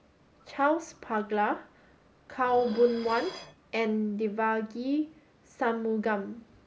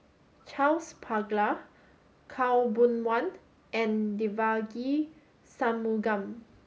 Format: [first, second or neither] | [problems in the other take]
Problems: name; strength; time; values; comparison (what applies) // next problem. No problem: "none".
second | background sound (Dishes, pots, and pans); 19 dB below the speech